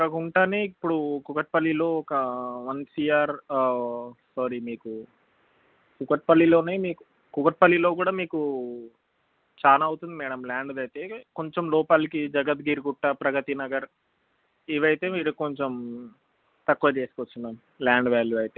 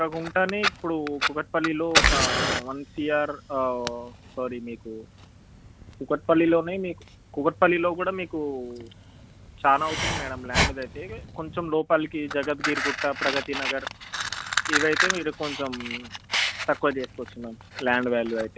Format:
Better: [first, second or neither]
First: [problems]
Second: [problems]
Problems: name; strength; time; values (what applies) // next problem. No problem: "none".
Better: first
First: none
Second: background sound (Fire); 3 dB below the speech